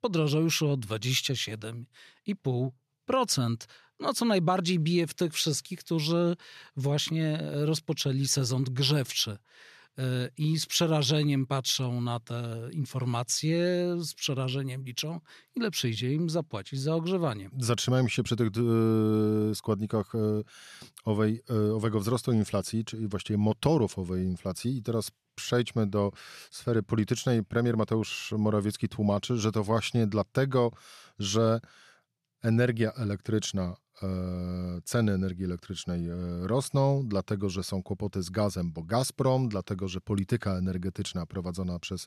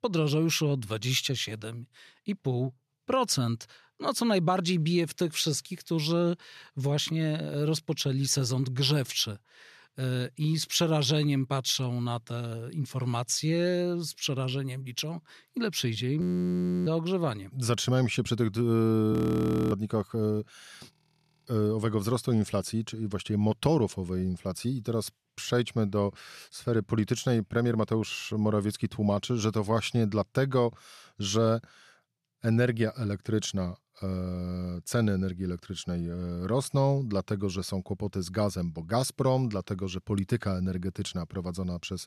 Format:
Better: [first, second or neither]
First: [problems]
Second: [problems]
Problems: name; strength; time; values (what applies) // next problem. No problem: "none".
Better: first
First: none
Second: audio freezing; at 16 s for 0.5 s, at 19 s for 0.5 s and at 21 s for 0.5 s